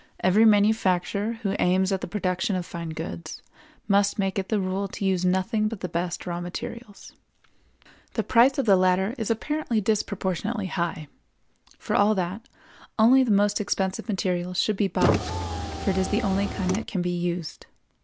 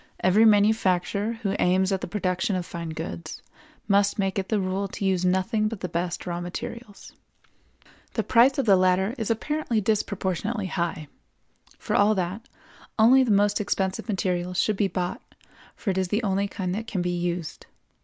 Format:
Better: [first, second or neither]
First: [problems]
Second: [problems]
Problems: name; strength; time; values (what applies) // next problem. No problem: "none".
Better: second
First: background sound (Car); 2 dB below the speech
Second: none